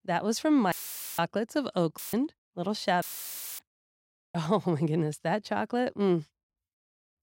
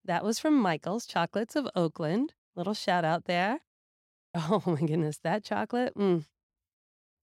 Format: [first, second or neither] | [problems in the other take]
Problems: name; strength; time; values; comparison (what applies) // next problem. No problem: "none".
second | audio cutting out; filled with static; at 0.5 s, at 2 s and at 3 s for 0.5 s